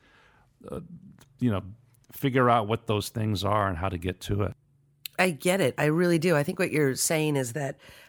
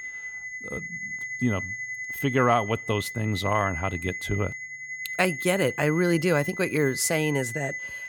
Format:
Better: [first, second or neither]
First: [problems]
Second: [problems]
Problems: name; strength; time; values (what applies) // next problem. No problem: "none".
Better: first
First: none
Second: high-pitched whine; loud; throughout; 2 kHz, 7 dB below the speech